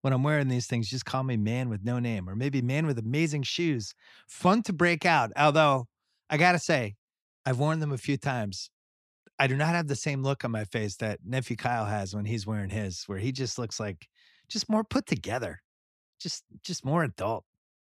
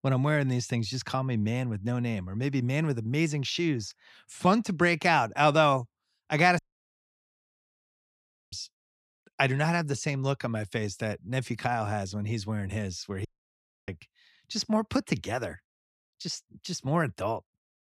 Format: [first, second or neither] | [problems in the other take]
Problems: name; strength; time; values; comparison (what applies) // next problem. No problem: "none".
first | audio cutting out; at 6.5 s for 2 s and at 13 s for 0.5 s